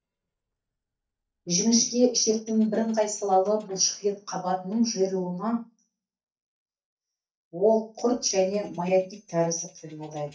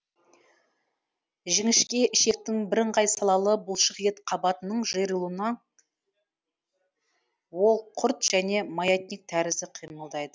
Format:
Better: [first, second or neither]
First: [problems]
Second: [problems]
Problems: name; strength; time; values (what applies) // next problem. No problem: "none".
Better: second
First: noise reduction (neural mask model DeepFilterNet 3)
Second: none